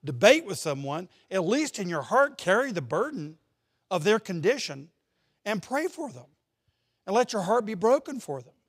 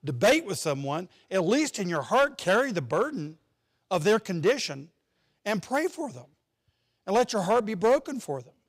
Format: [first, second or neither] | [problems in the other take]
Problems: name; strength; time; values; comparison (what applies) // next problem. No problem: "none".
first | distortion; slight; 3% of the sound clipped